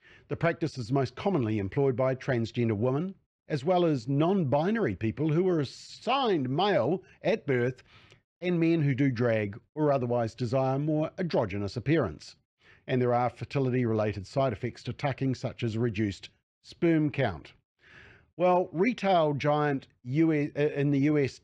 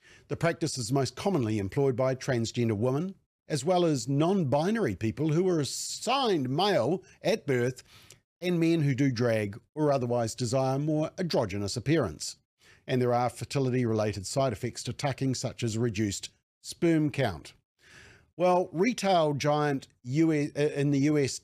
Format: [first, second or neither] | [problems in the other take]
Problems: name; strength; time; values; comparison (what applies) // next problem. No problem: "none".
second | muffled; slightly; fading above 2.5 kHz